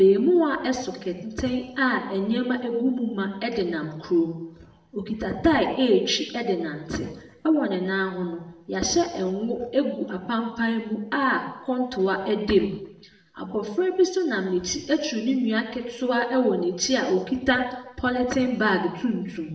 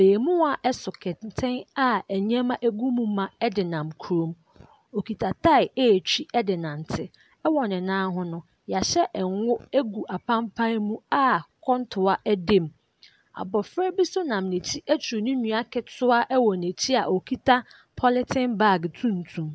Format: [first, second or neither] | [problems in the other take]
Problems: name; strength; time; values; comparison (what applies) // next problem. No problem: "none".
second | room echo; dies away in 0.8 s